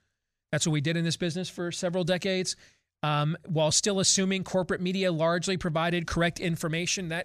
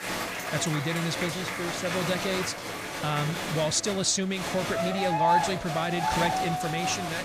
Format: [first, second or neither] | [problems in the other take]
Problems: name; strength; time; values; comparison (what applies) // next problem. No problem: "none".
first | crowd noise; loud; throughout; 1 dB below the speech